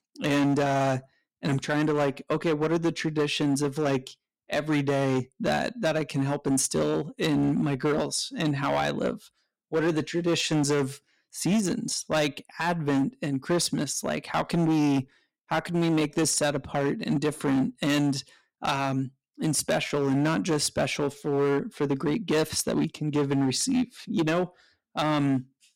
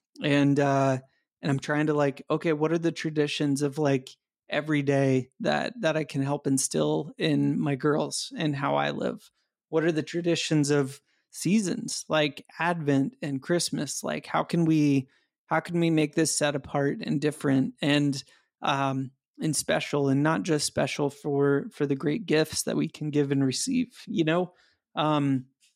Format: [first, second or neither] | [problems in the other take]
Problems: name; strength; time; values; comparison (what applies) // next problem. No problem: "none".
second | distortion; slight; 11% of the sound clipped